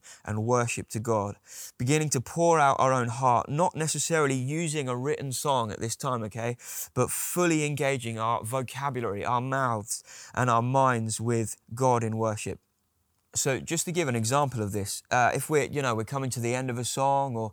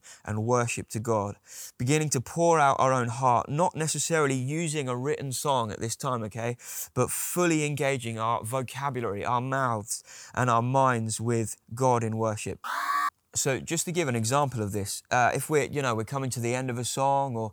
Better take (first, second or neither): first